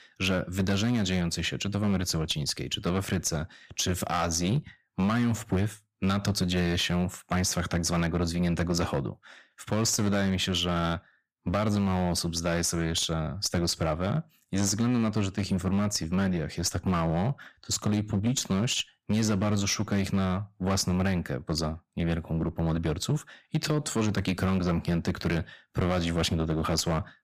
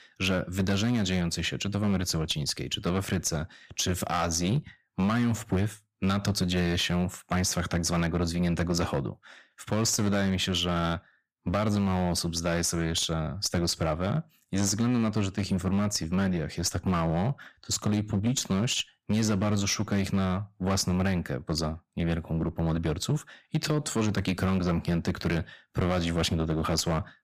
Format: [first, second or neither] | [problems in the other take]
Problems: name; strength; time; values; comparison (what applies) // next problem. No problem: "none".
neither | distortion; slight; 9% of the sound clipped; the same in both